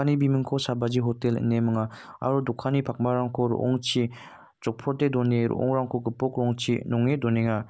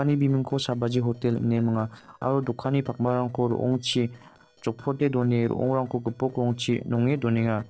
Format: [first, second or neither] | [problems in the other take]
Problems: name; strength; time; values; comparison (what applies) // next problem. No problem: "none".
first | noise reduction (neural separator model SepFormer DNS4)